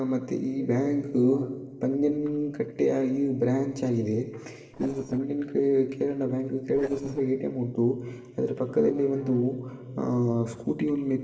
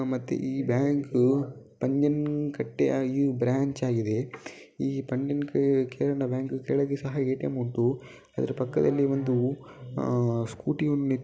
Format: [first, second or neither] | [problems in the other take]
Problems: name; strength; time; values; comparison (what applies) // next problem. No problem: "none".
second | noise reduction (neural separator model SepFormer DNS4)